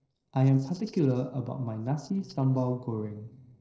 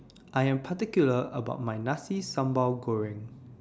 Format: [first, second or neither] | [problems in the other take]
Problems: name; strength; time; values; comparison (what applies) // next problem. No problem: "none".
second | noise reduction (neural separator model SepFormer DNS4)